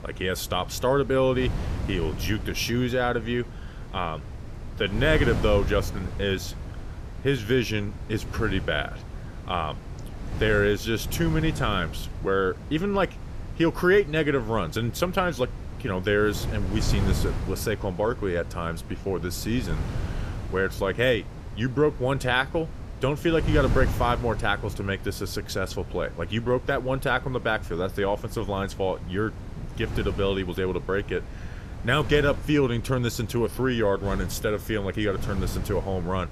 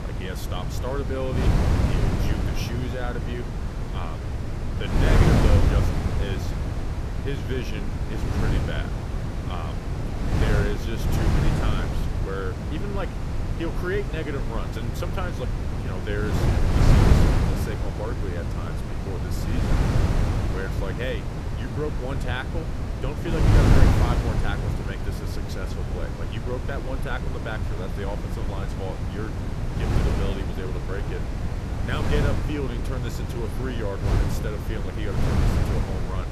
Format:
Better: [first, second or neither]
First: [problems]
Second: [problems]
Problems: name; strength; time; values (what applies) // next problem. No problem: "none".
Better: first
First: wind noise on the microphone; occasional gusts; 15 dB below the speech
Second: wind noise on the microphone; heavy; 1 dB above the speech